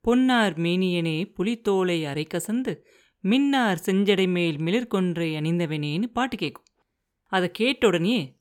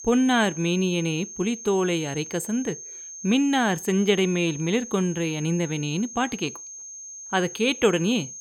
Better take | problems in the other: first | high-pitched whine; noticeable; throughout; 6.5 kHz, 10 dB below the speech

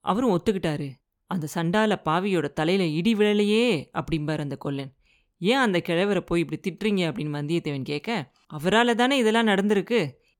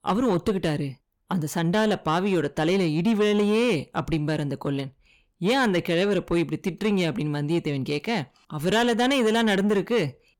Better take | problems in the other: first | distortion; slight; 10 dB below the speech

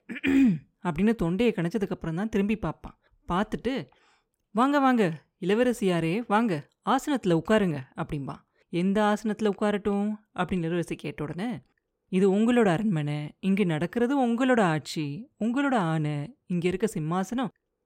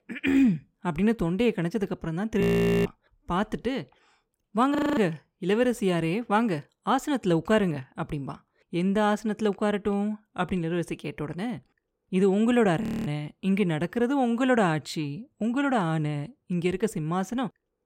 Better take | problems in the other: first | audio freezing; at 2.5 s, at 5 s and at 13 s

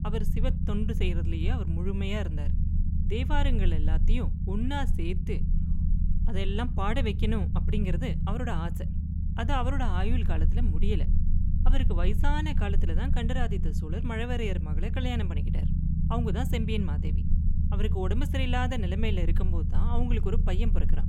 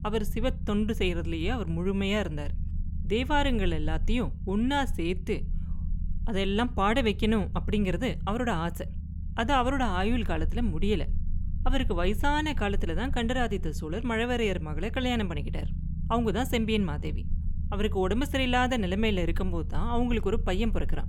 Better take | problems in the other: second | low rumble; loud; throughout; 8 dB below the speech; faint in the second

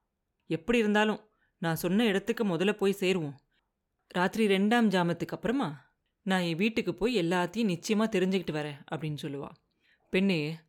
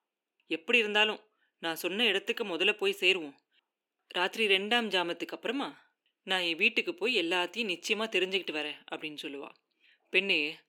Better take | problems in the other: first | thin; somewhat; fading below 300 Hz

